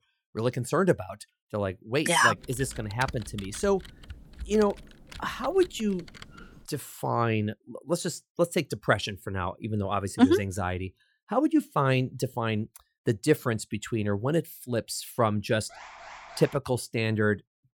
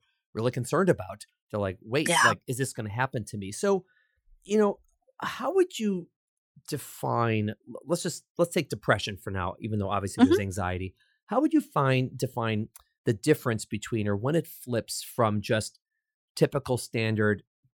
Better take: second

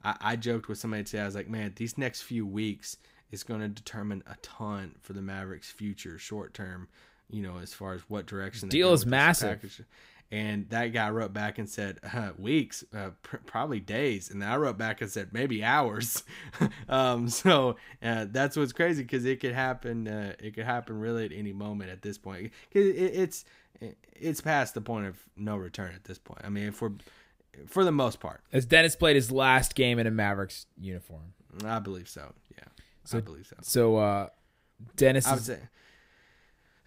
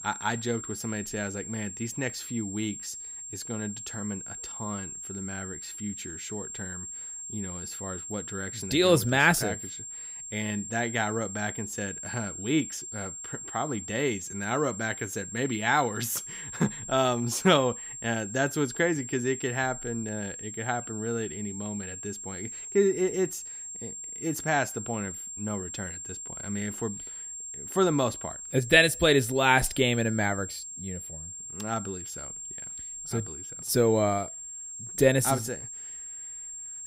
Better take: first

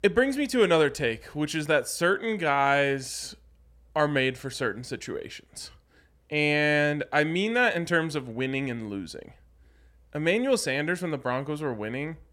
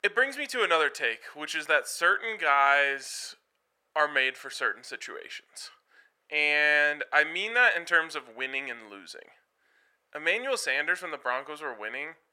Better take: first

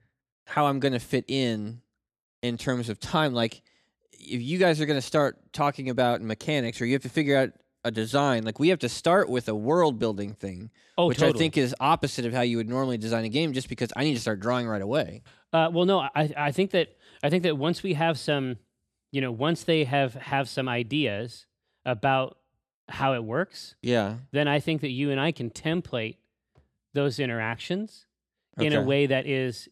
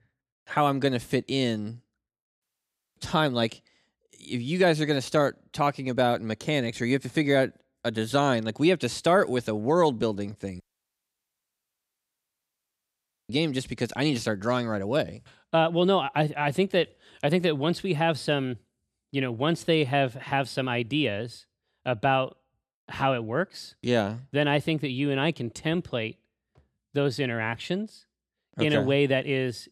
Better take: first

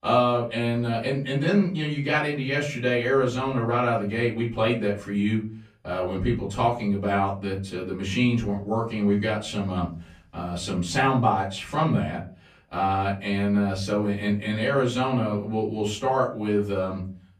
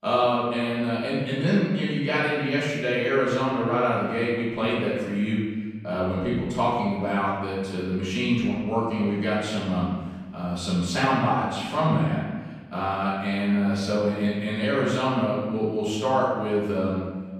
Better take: first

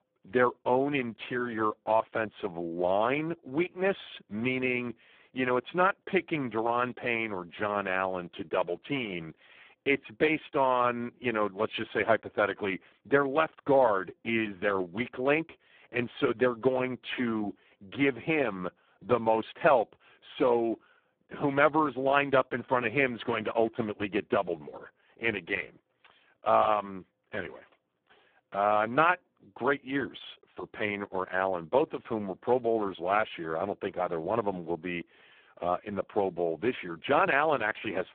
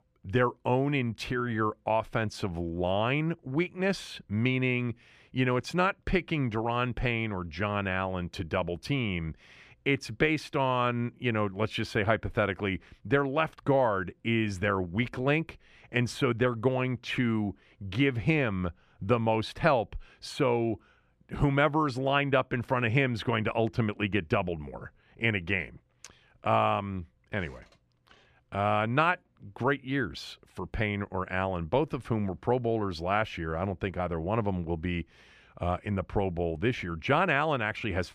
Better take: second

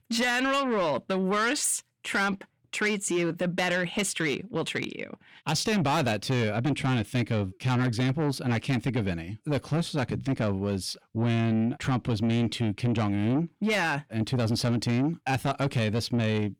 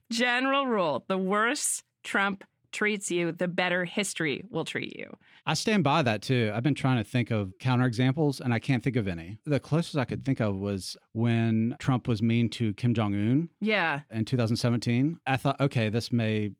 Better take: second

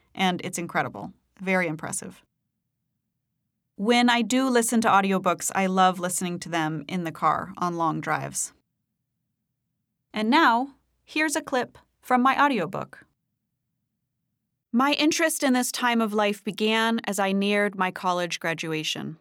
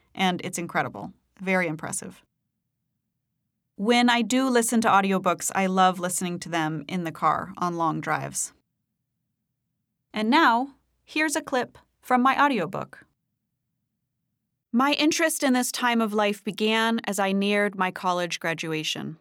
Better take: neither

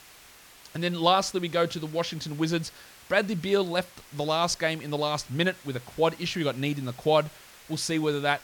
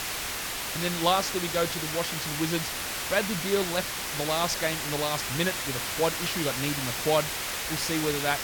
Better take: first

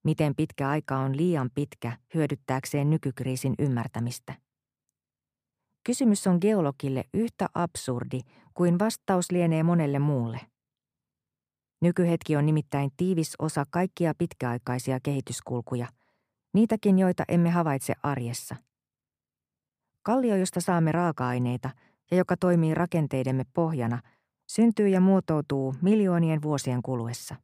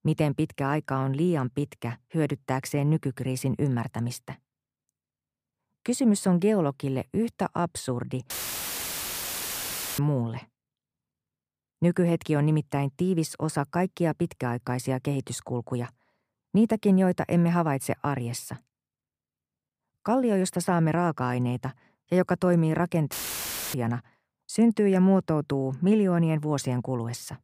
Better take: first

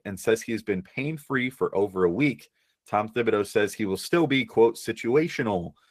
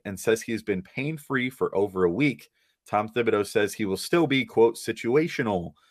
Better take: second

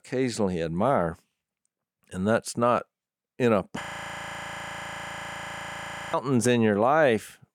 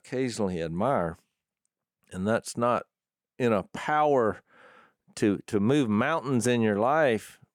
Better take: second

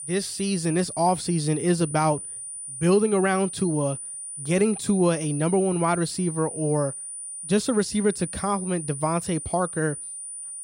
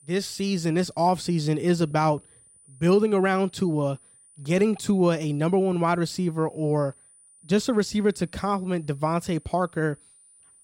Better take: second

